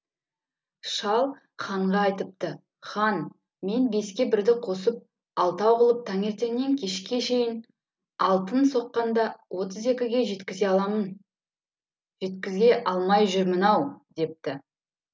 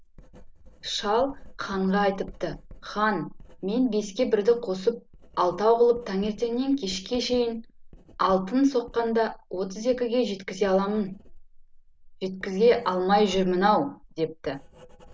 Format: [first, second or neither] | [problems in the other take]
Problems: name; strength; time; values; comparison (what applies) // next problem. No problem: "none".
first | background sound (Writing); 20 dB below the speech